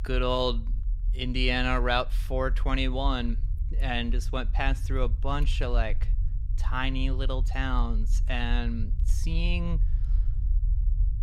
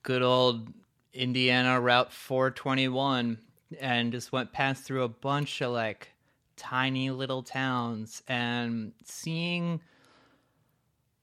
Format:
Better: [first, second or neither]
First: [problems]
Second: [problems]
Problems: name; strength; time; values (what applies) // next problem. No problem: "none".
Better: second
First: low rumble; faint; throughout; 20 dB below the speech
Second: none